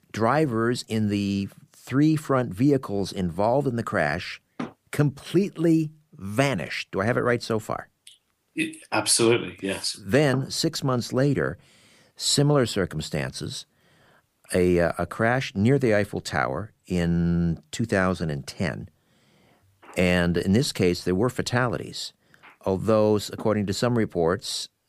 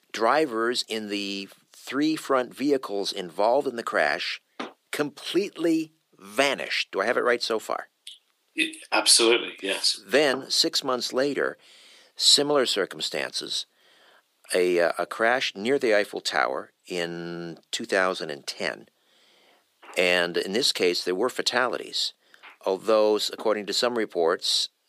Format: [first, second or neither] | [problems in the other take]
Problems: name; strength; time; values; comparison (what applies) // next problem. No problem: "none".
first | thin; somewhat; fading below 350 Hz